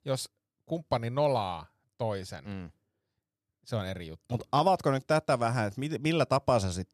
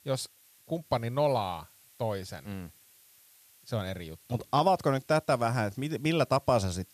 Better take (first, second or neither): first